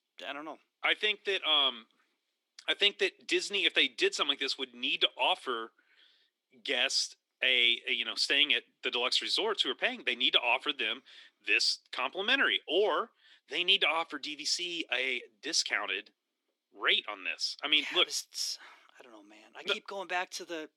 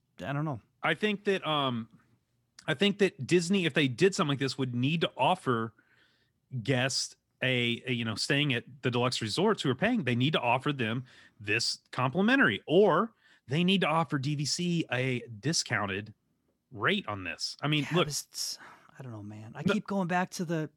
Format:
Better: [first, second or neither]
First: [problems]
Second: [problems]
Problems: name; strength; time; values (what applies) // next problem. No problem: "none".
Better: second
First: thin; very; fading below 300 Hz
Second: none